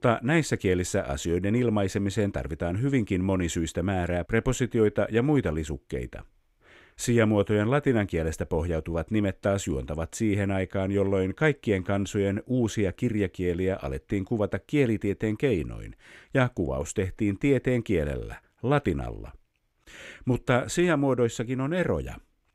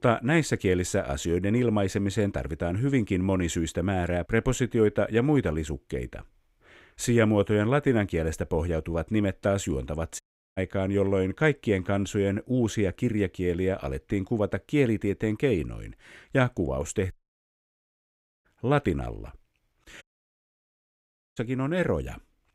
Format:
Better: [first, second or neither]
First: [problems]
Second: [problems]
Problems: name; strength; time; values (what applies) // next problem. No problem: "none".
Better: first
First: none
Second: audio cutting out; at 10 s, at 17 s for 1.5 s and at 20 s for 1.5 s